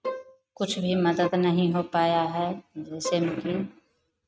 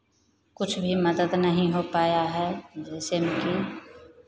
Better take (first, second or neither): second